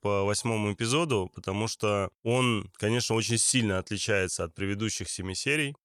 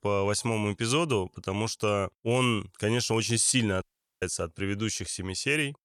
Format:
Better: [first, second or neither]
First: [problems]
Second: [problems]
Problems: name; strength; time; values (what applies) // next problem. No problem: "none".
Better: first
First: none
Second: audio cutting out; at 4 s